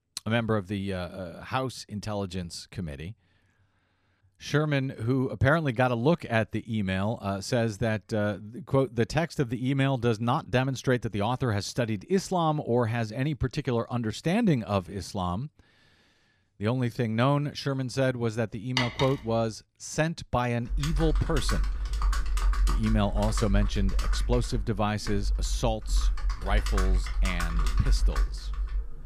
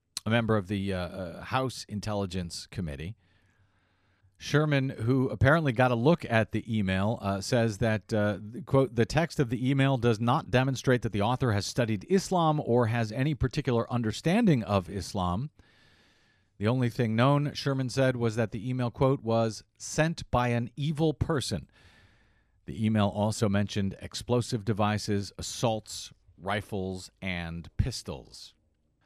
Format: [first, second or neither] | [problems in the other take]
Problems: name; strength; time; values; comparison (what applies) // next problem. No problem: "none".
second | clattering dishes; noticeable; at 19 s; peak 1 dB below the speech // keyboard typing; loud; from 21 s on; peak 1 dB above the speech